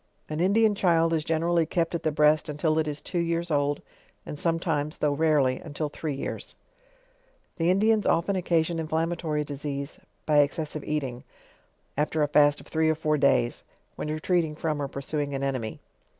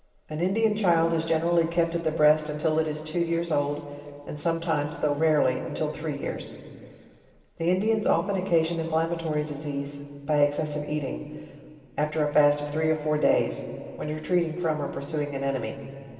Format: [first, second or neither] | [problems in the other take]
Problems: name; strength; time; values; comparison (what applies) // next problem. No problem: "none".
first | room echo; dies away in 2.4 s